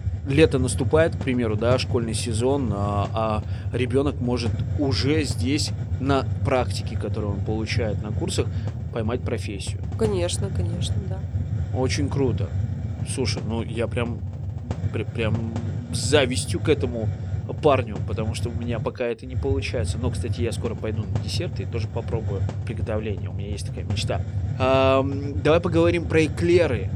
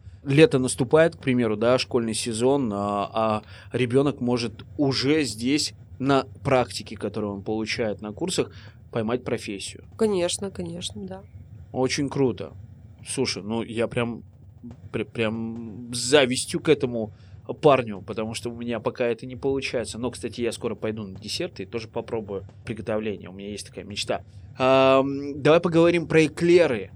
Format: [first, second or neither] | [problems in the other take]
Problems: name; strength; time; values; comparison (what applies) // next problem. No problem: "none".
second | hiss; loud; throughout; 3 dB below the speech; faint in the second